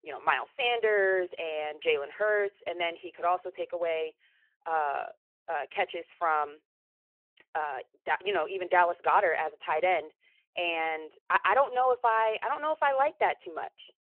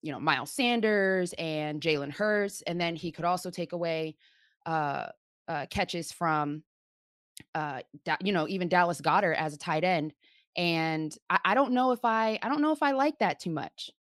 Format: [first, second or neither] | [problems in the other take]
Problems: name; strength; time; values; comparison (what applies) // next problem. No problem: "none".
second | phone-call audio